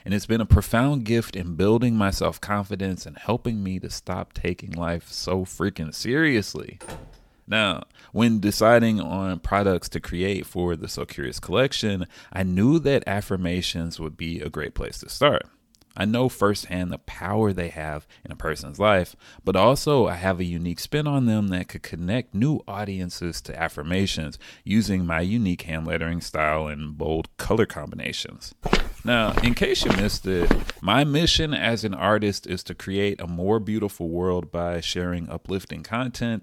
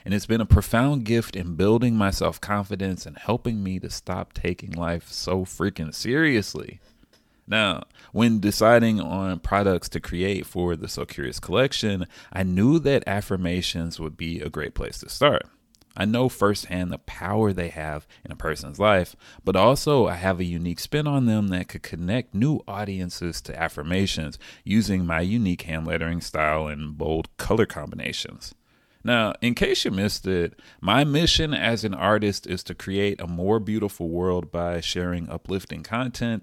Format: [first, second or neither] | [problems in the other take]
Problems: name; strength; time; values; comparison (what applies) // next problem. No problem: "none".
second | door banging; faint; at 7 s; peak 15 dB below the speech // footsteps; noticeable; from 29 to 31 s; peak 1 dB below the speech